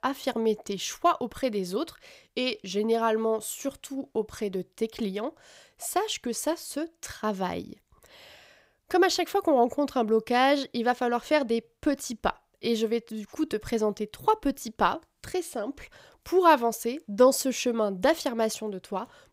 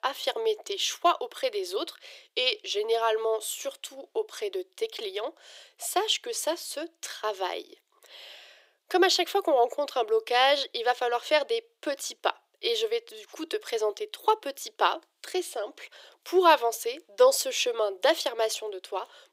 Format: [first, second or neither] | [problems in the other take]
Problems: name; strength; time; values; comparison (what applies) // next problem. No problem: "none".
first | thin; very; fading below 350 Hz